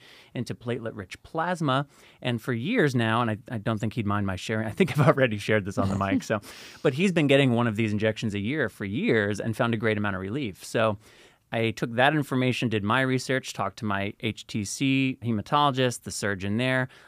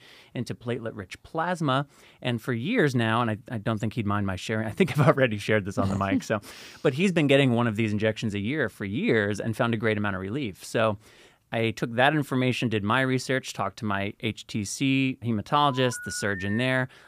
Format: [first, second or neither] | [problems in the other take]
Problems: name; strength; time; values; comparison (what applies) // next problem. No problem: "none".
first | phone ringing; noticeable; from 16 s on; peak 9 dB below the speech